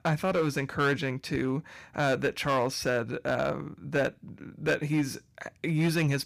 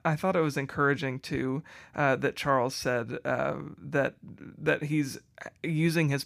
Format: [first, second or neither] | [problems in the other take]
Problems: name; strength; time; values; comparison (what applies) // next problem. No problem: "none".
second | distortion; slight; 5% of the sound clipped